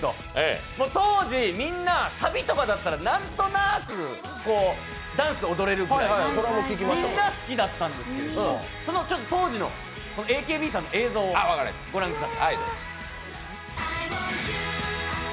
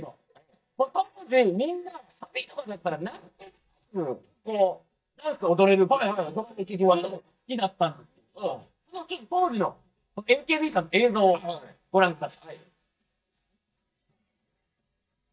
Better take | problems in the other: first | noise reduction (neural mask model DeepFilterNet 3)

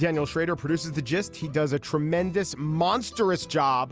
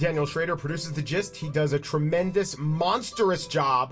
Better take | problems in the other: first | room echo; dies away in 0.2 s

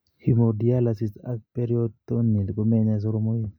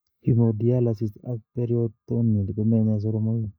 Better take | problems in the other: first | noise reduction (neural mask model DeepFilterNet 3)

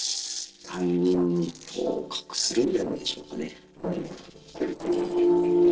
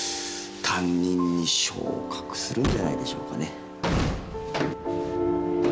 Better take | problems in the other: second | noise reduction (neural separator model SepFormer DNS4)

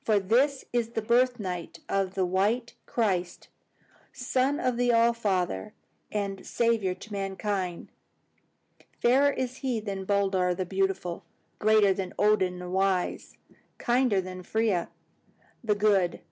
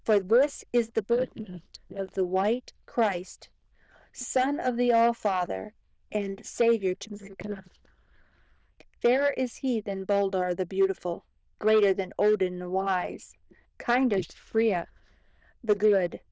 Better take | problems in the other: first | noise reduction (neural diffusion model UNIVERSE++)

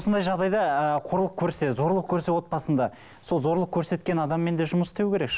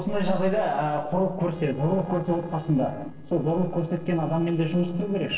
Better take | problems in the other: first | noise reduction (neural separator model SepFormer DNS4)

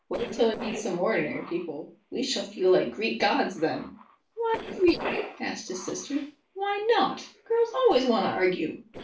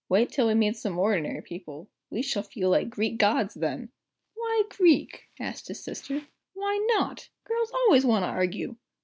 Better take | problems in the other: second | noise reduction (neural separator model SepFormer DNS4)

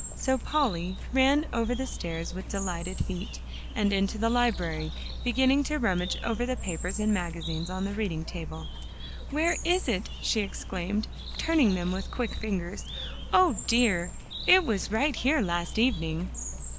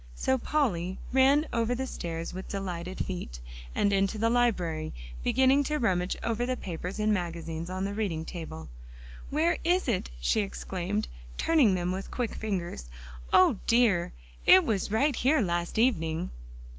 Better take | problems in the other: second | background sound (Bird); 11 dB below the speech

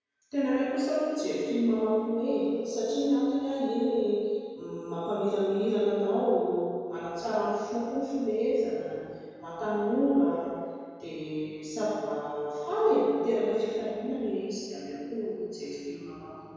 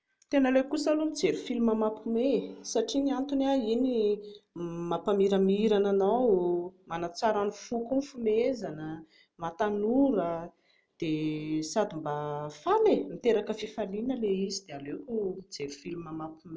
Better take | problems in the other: second | room echo; dies away in 1.9 s

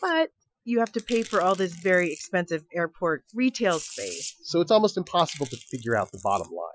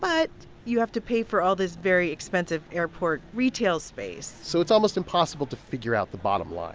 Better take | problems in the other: second | noise reduction (classical method Wiener filter)

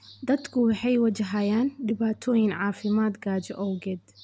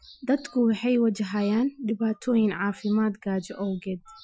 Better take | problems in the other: first | noise reduction (classical method Wiener filter)

